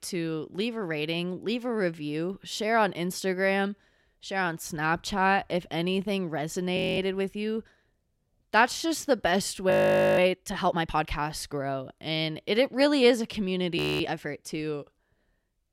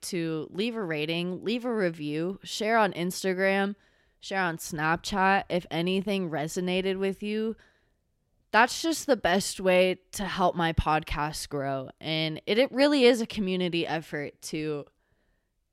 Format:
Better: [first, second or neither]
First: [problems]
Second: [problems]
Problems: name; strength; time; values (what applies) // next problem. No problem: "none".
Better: second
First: audio freezing; at 7 s, at 9.5 s and at 14 s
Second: none